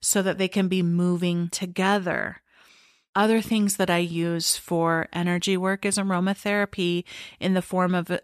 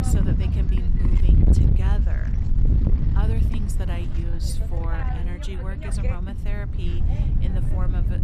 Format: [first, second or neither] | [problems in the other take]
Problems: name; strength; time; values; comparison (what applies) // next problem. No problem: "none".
first | wind noise on the microphone; heavy; 2 dB above the speech